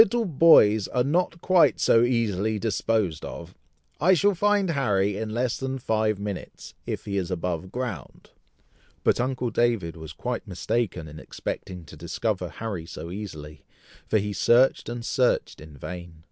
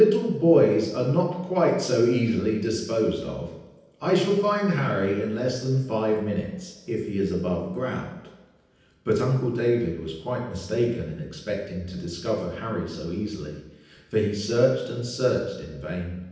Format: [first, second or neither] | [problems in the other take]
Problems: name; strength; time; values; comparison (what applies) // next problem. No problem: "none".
first | room echo; dies away in 0.9 s